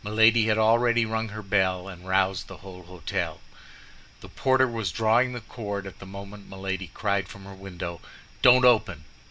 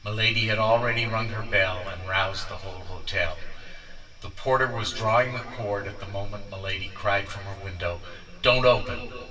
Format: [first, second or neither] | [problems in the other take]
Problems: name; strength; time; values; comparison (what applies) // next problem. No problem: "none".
first | room echo; dies away in 2.5 s